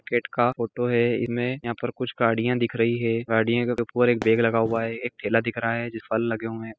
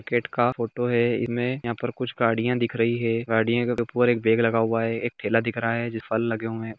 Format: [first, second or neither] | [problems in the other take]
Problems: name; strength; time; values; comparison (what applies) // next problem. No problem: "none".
second | noise reduction (classical method spectral subtraction)